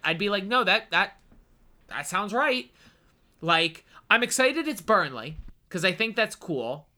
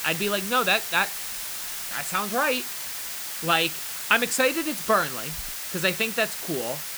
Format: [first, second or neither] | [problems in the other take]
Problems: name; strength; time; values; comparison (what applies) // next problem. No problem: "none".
first | hiss; loud; throughout; 5 dB below the speech